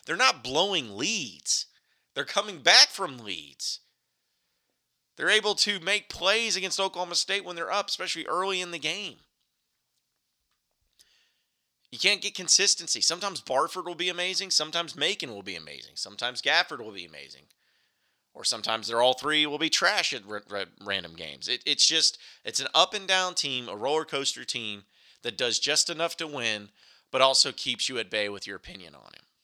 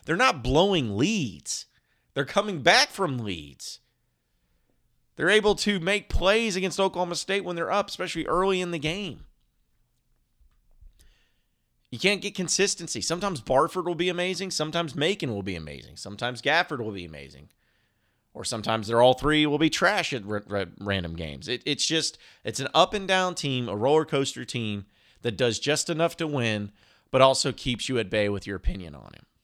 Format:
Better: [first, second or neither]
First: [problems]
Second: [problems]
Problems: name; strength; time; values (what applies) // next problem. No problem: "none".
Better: second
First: thin; somewhat; fading below 800 Hz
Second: none